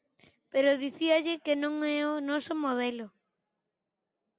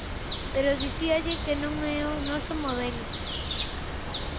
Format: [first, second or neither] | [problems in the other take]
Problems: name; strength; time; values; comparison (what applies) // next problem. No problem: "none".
first | background sound (Bird); 2 dB below the speech